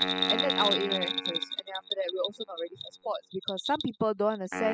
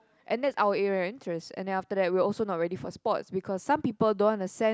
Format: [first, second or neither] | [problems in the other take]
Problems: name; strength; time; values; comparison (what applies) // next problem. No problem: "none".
second | noise reduction (classical method spectral subtraction)